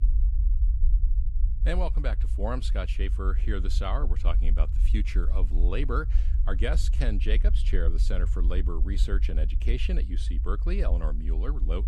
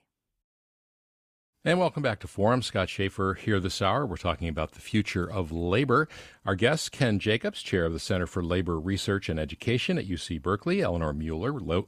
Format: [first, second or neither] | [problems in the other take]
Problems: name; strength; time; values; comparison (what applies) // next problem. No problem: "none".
second | low rumble; noticeable; throughout; 15 dB below the speech